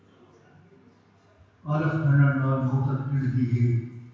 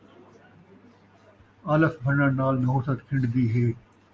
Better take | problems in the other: second | room echo; dies away in 1.1 s

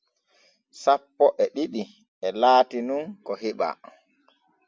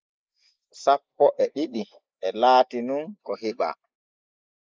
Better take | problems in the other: first | noise reduction (neural mask model Resemble Enhance denoiser)

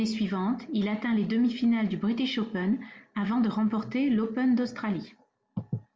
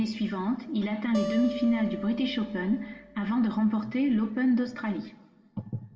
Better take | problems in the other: first | background sound (Acoustic guitar); 12 dB below the speech // room echo; dies away in 0.9 s

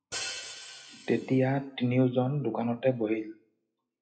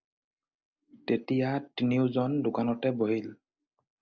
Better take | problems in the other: second | noise reduction (classical method WPE with log-MMSE)

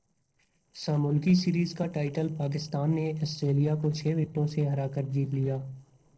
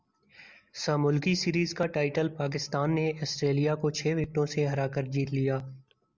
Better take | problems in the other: second | noise reduction (neural separator model SepFormer DNS4)

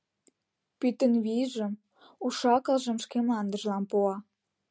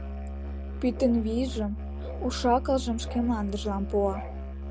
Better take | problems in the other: first | background sound (Musical instrument); 6 dB below the speech

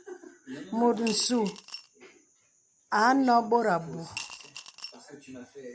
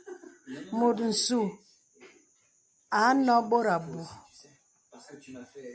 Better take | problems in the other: second | background sound (Coin (dropping) / Glass); 14 dB below the speech

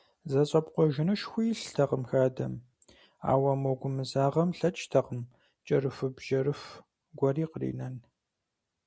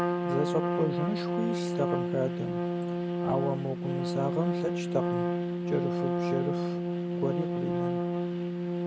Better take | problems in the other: first | background sound (Trumpet); 4 dB above the speech

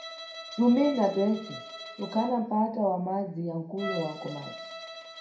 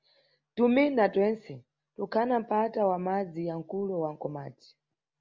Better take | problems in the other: second | background sound (Bowed string instrument); 14 dB below the speech // room echo; dies away in 0.5 s

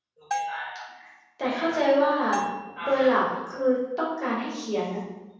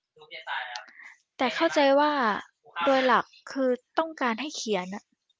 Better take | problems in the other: second | background sound (Bell); 10 dB below the speech // room echo; dies away in 1.1 s

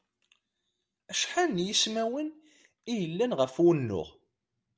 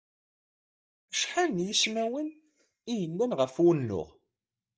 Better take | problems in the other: first | noise reduction (neural mask model DeepFilterNet 3)

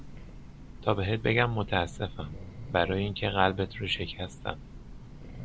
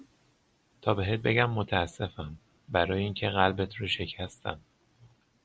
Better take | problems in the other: second | background sound (Train); 12 dB below the speech

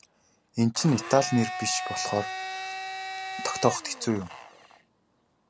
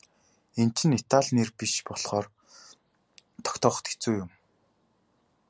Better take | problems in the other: second | background sound (Domestic sounds, home sounds); 8 dB below the speech

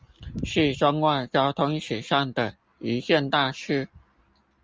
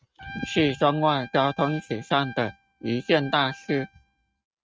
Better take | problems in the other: first | noise reduction (neural mask model RNNoise)

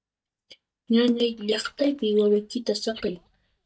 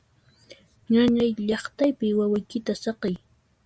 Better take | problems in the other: second | noise reduction (neural mask model DeepFilterNet 3)

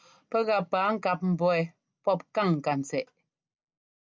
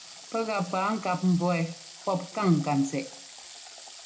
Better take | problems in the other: first | background sound (Water tap, faucet / Water); 17 dB below the speech // room echo; dies away in 0.4 s

